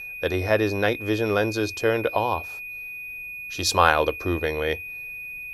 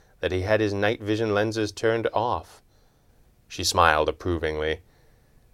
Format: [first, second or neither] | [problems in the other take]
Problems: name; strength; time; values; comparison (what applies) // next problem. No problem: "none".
second | high-pitched whine; loud; throughout; 2.5 kHz, 10 dB below the speech